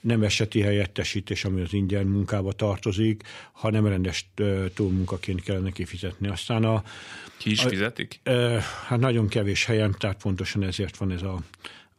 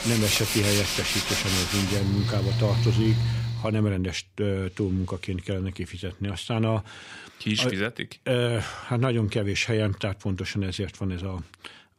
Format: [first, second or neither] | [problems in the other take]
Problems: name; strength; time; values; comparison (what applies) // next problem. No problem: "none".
first | machinery noise; very loud; until 3.5 s; 2 dB above the speech